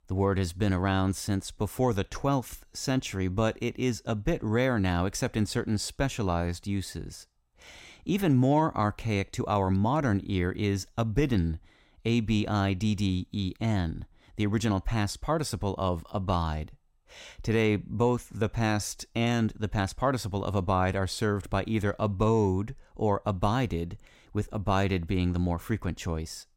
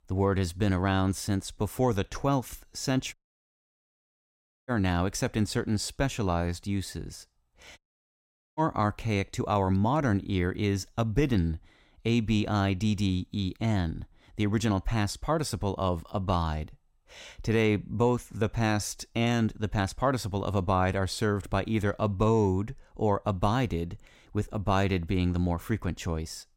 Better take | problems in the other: first | audio cutting out; at 3 s for 1.5 s and at 8 s for 1 s

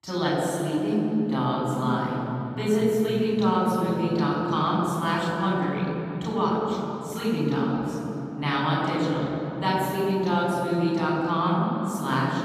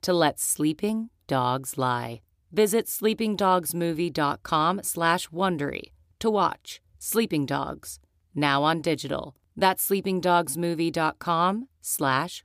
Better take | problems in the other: second | room echo; strong; dies away in 3 s // off-mic speech; far

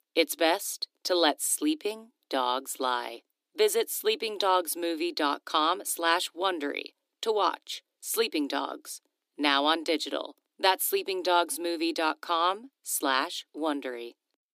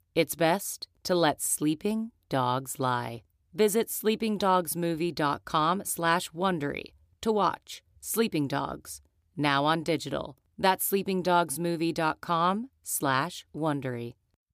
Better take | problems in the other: second | thin; very slightly; fading below 300 Hz

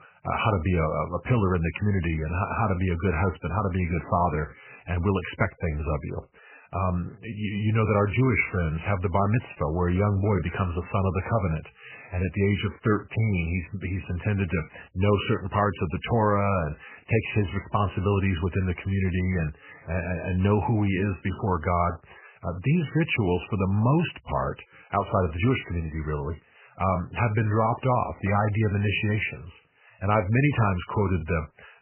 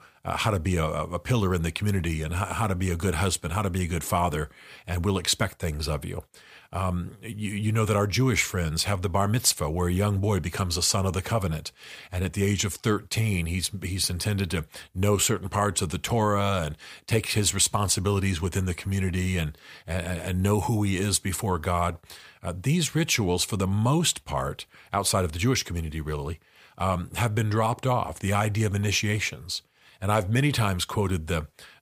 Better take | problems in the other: second | garbled, watery; badly; nothing above 3 kHz

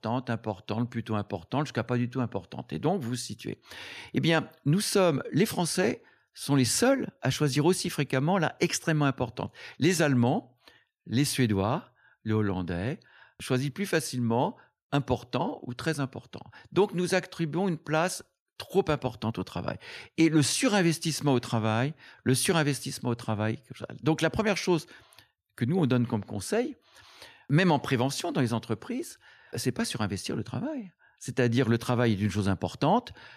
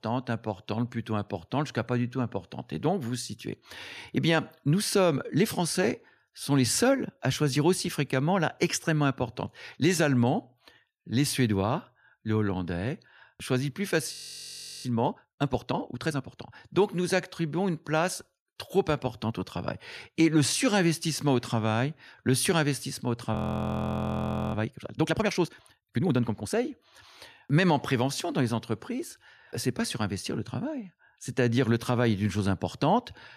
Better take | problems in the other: first | audio freezing; at 14 s for 0.5 s and at 23 s for 1 s

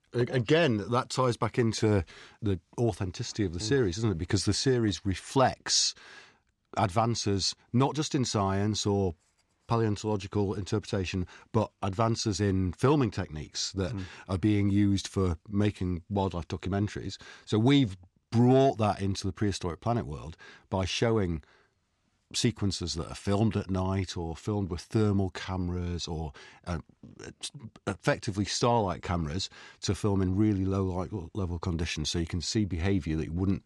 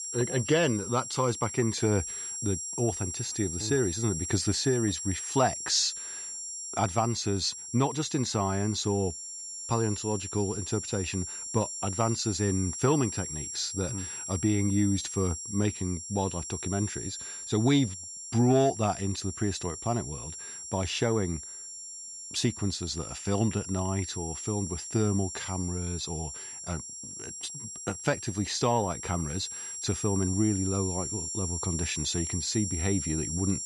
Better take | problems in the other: first | high-pitched whine; loud; throughout; 7.5 kHz, 6 dB below the speech

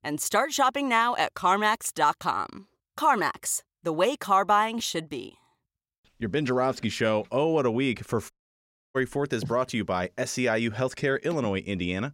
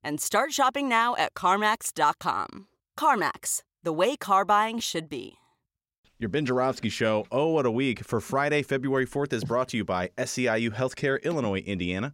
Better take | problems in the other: second | audio cutting out; at 8.5 s for 0.5 s

